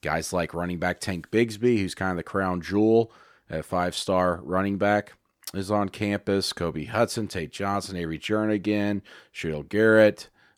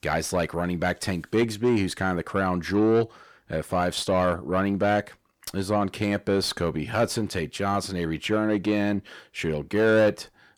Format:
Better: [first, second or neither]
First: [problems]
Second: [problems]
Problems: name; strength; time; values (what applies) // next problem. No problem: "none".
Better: first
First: none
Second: distortion; slight; 10 dB below the speech